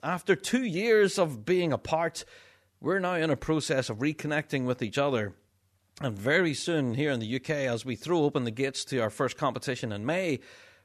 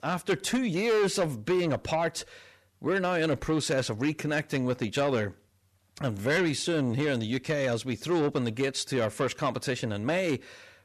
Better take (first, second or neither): first